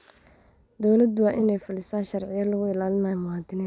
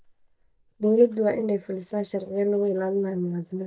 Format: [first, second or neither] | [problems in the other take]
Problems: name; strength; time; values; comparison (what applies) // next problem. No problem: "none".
first | noise reduction (neural mask model DeepFilterNet 3)